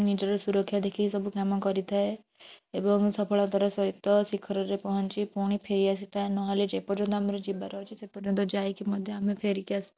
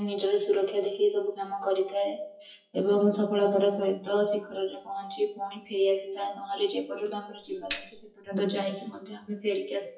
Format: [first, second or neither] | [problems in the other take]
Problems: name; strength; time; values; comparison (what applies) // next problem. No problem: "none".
first | noise reduction (classical method WPE with log-MMSE)